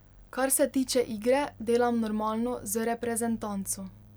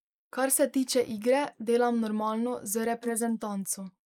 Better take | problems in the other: first | noise reduction (neural mask model Resemble Enhance denoiser)

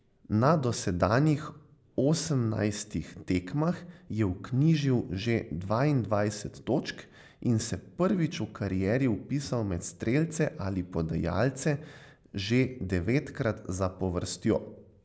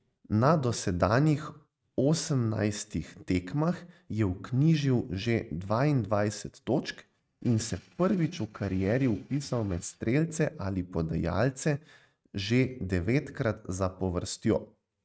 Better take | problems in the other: first | noise reduction (neural mask model RNNoise)

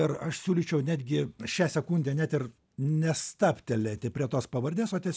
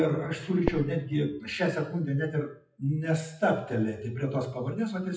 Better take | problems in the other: first | noise reduction (classical method WPE with log-MMSE)

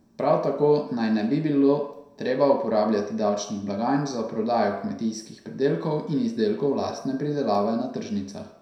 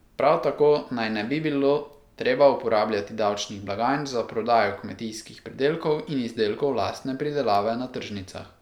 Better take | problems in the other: second | room echo; dies away in 0.6 s

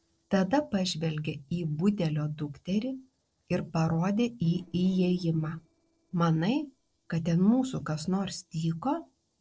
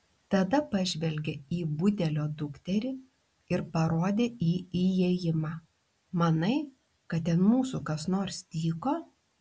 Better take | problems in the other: second | noise reduction (neural separator model SepFormer DNS4)

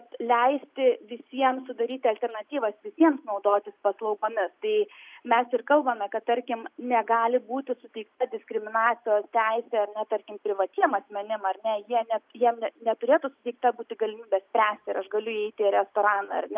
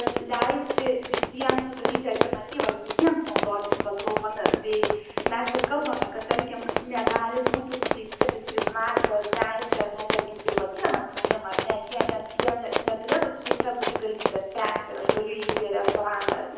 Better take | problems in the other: first | background sound (Run); 1 dB above the speech // room echo; dies away in 0.9 s

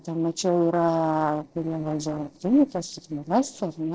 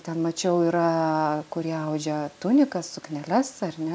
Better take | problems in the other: second | noise reduction (neural separator model SepFormer DNS4)

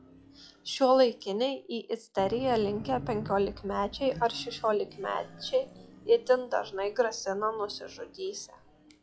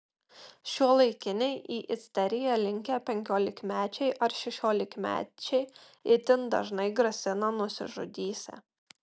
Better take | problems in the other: second | noise reduction (classical method log-MMSE)

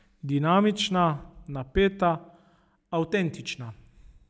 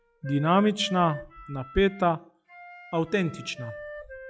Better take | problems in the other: first | noise reduction (classical method log-MMSE)

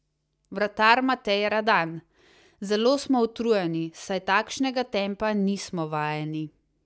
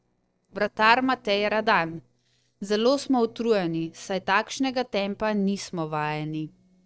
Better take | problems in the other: first | noise reduction (neural separator model SepFormer DNS4)

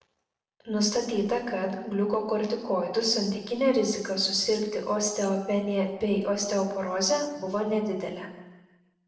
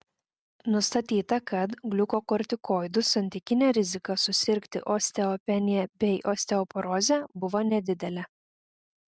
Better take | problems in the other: second | room echo; dies away in 1 s

